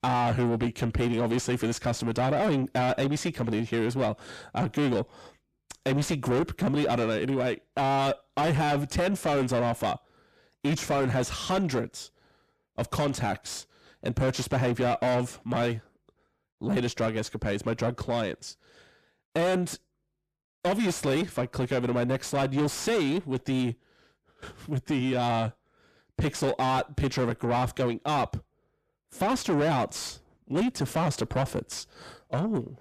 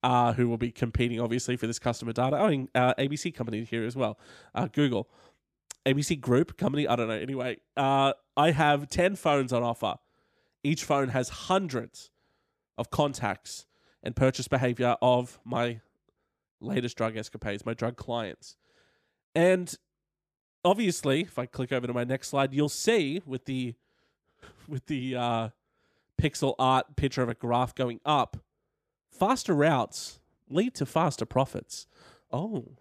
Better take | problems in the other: second | distortion; heavy; 5 dB below the speech

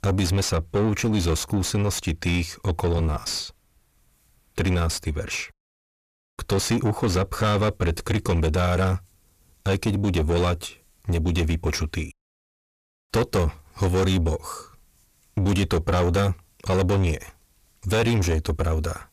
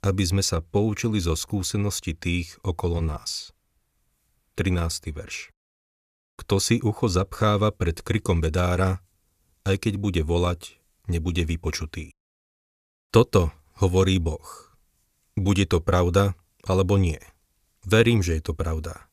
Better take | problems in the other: second | distortion; heavy; 6 dB below the speech

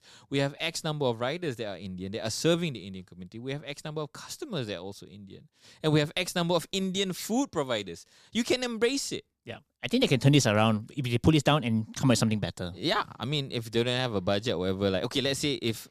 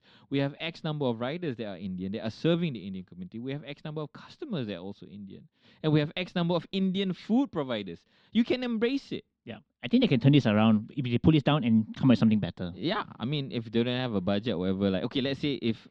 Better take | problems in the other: first | muffled; slightly; fading above 3.5 kHz

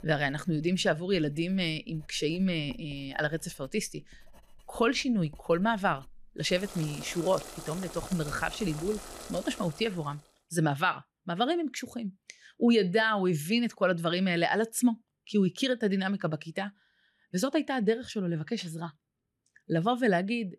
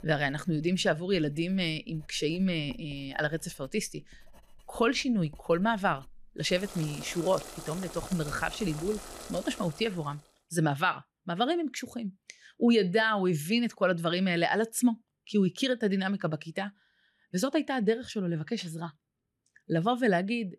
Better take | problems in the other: neither | household noises; noticeable; until 10 s; 15 dB below the speech; the same in both

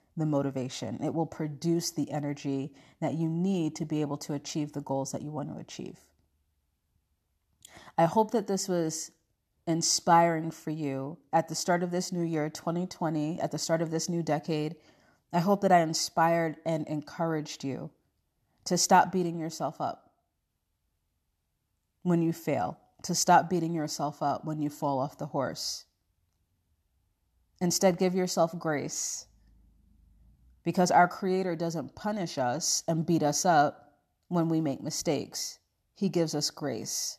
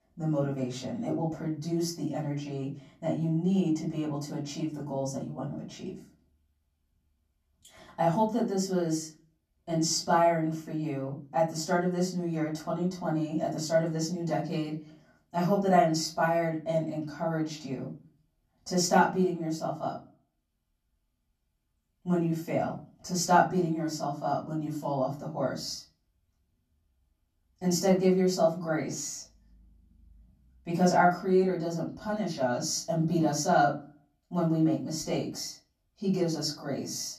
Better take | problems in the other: first | room echo; slight; dies away in 0.3 s // off-mic speech; far

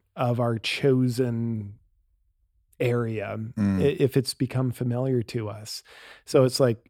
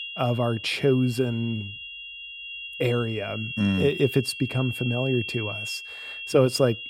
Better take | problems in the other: first | high-pitched whine; loud; throughout; 2.5 kHz, 8 dB below the speech

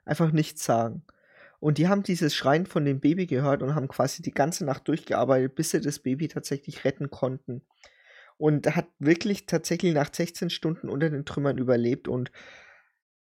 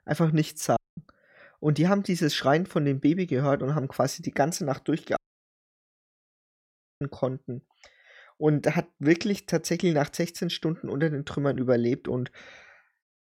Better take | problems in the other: first | audio cutting out; at 1 s and at 5 s for 2 s

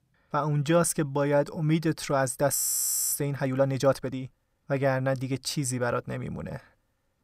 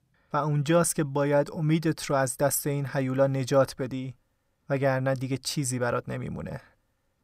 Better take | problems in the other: second | audio freezing; at 2.5 s for 0.5 s

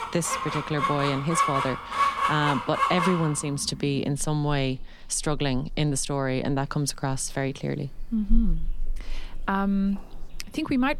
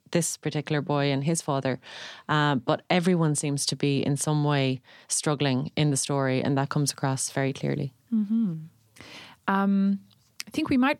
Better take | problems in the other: second | animal sounds; loud; throughout; 1 dB below the speech

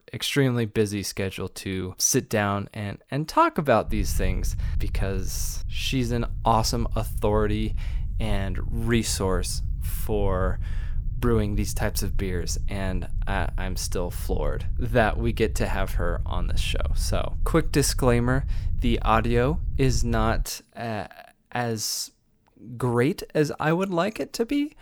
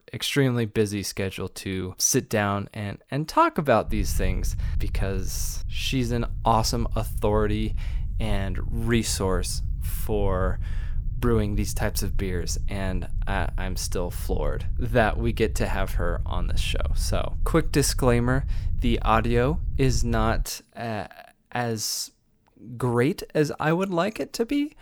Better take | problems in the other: neither | low rumble; faint; from 4 to 20 s; 25 dB below the speech; the same in both

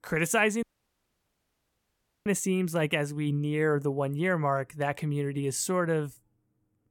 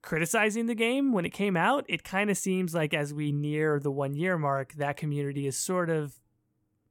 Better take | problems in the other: second | audio cutting out; at 0.5 s for 1.5 s

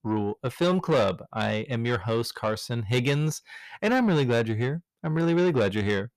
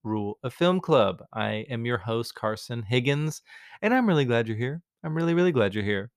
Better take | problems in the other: second | distortion; slight; 10 dB below the speech

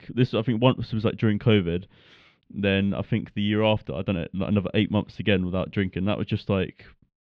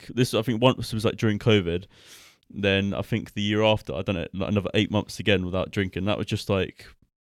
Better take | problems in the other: second | muffled; slightly; fading above 3.5 kHz

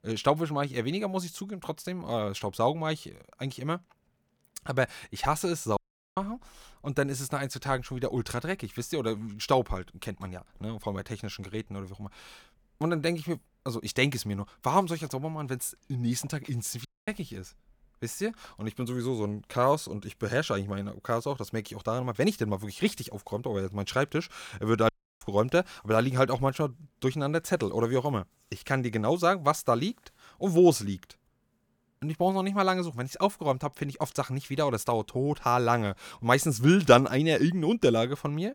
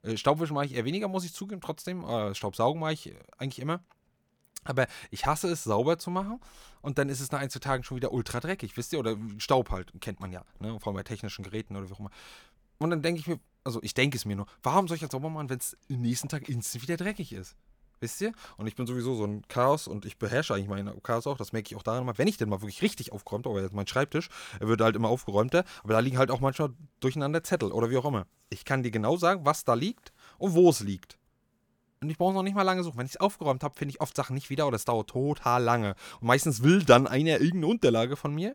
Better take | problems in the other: second | audio cutting out; at 6 s, at 17 s and at 25 s

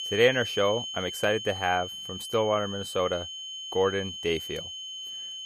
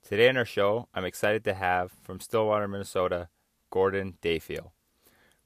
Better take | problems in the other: second | high-pitched whine; loud; throughout; 3 kHz, 7 dB below the speech

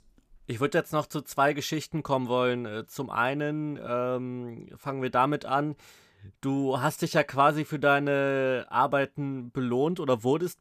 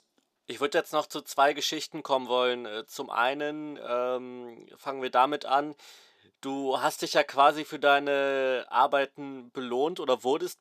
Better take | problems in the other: first | thin; somewhat; fading below 400 Hz

